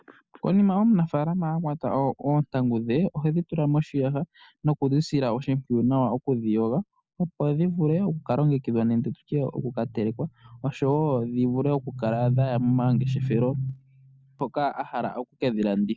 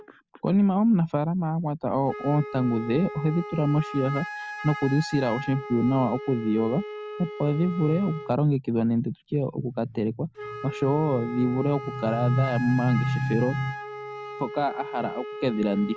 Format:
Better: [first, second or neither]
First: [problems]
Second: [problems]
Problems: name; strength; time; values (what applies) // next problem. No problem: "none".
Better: first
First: none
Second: background sound (Wind instrument, woodwind instrument); 12 dB below the speech